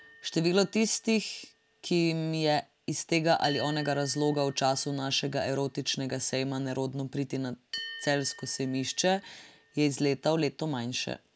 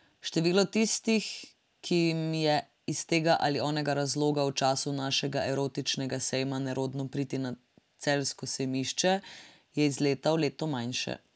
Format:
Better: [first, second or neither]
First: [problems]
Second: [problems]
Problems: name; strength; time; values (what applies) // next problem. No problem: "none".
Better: second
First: background sound (Bell); 19 dB below the speech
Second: none